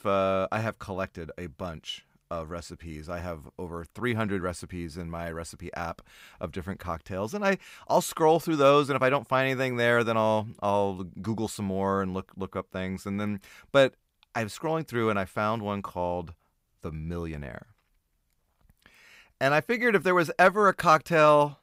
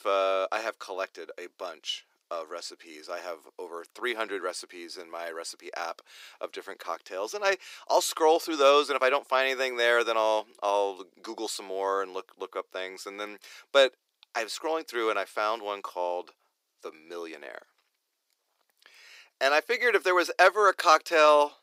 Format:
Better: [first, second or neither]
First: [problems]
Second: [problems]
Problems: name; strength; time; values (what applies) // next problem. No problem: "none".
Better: first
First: none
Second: thin; very; fading below 350 Hz